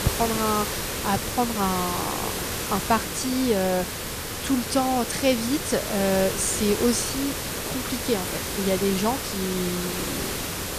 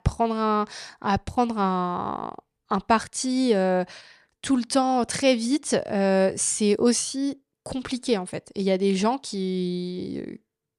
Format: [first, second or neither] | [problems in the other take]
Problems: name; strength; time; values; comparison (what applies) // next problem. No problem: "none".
second | hiss; loud; throughout; 2 dB below the speech